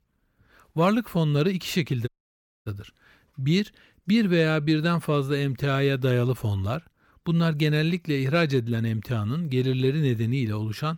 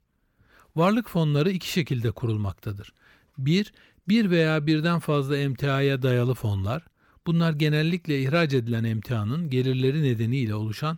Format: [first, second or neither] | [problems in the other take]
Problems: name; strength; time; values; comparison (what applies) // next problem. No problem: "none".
second | audio cutting out; at 2 s for 0.5 s